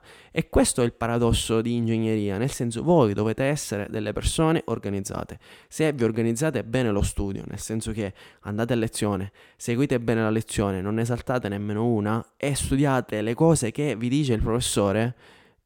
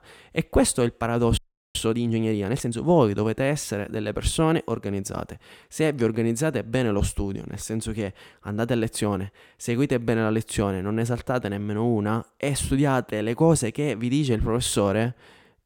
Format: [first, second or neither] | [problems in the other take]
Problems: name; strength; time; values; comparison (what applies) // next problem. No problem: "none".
first | audio freezing; at 1.5 s